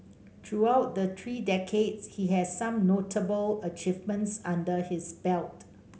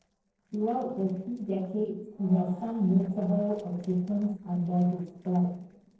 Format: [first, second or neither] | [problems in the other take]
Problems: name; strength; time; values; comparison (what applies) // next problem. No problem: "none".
first | noise reduction (neural separator model SepFormer DNS4)